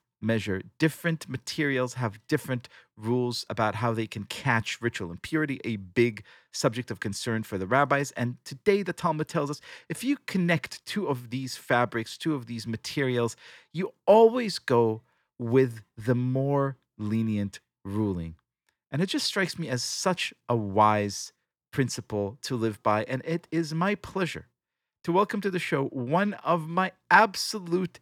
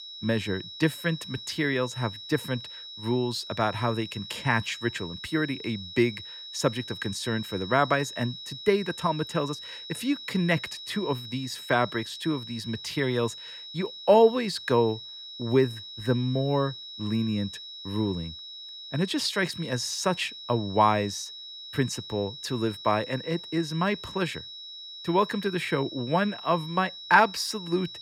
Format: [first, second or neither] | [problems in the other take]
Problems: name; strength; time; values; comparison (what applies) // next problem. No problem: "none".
first | high-pitched whine; noticeable; throughout; 4 kHz, 10 dB below the speech